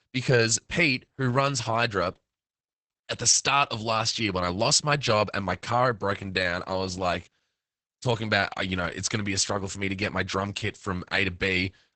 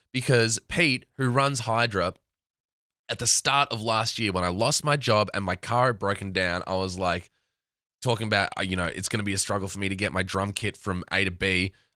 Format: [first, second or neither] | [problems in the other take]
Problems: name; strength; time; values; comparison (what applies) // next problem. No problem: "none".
second | garbled, watery; badly; nothing above 8 kHz; slightly in the second